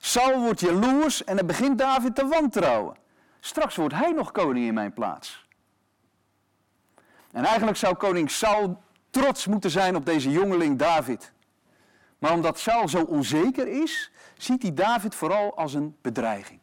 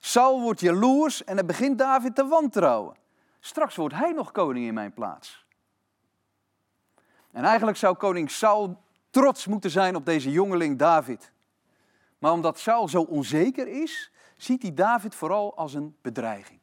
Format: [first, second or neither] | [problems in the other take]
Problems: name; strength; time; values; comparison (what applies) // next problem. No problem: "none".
second | distortion; heavy; 7 dB below the speech